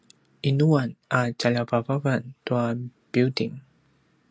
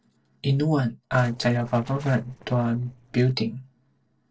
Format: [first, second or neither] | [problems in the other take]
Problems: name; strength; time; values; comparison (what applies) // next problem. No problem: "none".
first | noise reduction (neural separator model SepFormer DNS4)